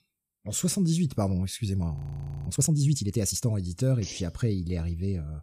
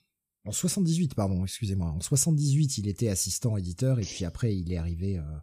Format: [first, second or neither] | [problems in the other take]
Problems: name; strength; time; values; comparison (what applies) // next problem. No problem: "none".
second | audio freezing; at 2 s for 0.5 s